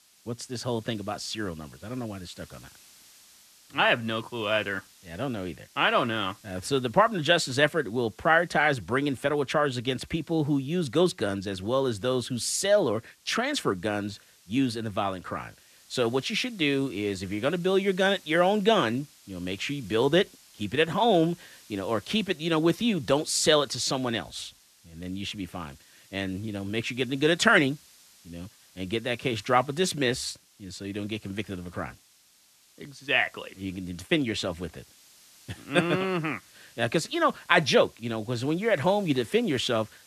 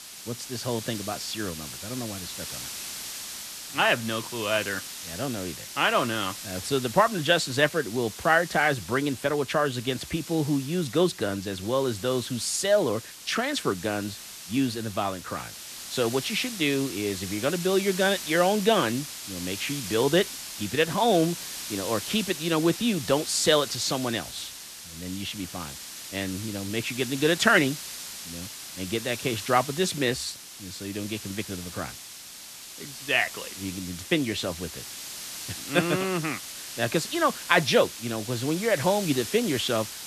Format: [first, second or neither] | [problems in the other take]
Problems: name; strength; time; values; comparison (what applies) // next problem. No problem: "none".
first | hiss; loud; throughout; 10 dB below the speech; faint in the first